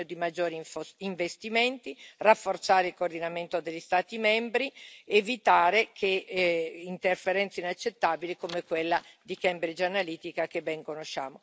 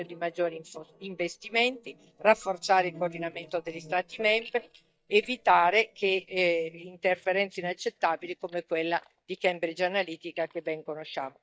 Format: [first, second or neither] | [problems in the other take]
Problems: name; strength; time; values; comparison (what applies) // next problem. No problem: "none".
first | noise reduction (neural mask model DeepFilterNet 3)